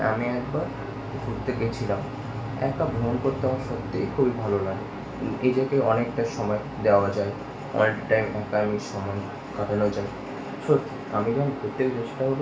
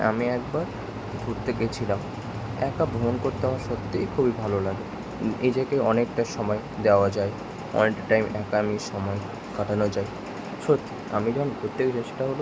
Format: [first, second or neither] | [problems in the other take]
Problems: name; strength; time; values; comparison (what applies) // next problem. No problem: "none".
second | room echo; dies away in 0.4 s